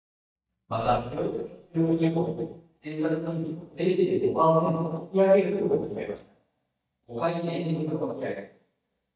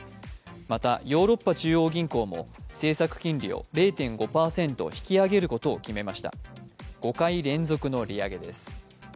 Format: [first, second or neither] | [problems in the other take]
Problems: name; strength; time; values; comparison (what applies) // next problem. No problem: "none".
second | noise reduction (neural mask model DeepFilterNet 3)